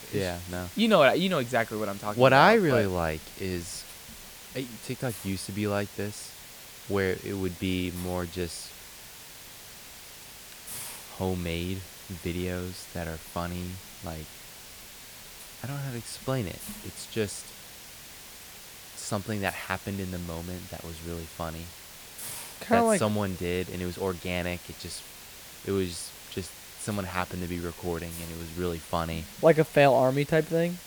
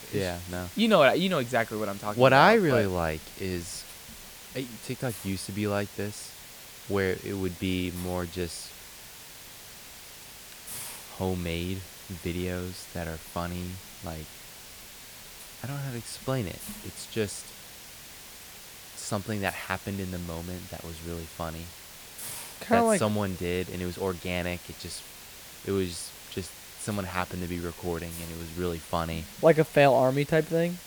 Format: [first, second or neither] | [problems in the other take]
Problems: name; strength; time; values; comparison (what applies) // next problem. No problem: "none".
neither | hiss; noticeable; throughout; 15 dB below the speech; the same in both